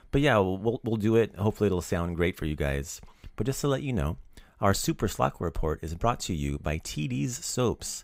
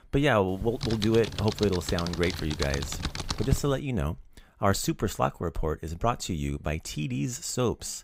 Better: first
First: none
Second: keyboard typing; noticeable; from 0.5 to 3.5 s; peak 2 dB below the speech

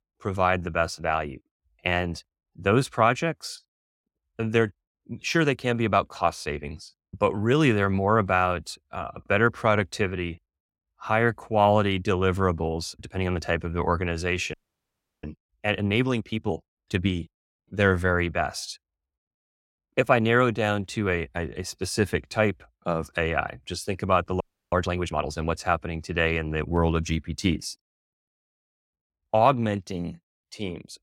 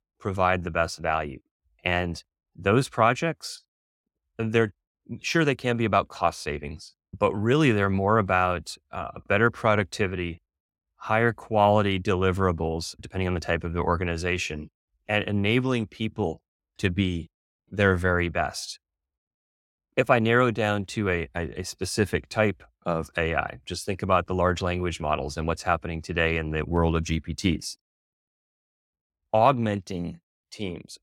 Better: second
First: audio freezing; at 15 s for 0.5 s and at 24 s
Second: none

